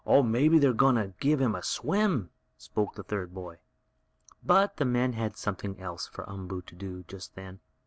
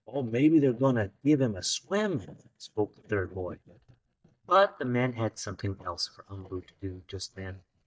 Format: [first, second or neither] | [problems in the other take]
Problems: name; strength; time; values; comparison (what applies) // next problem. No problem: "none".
first | noise reduction (neural mask model DeepFilterNet 3)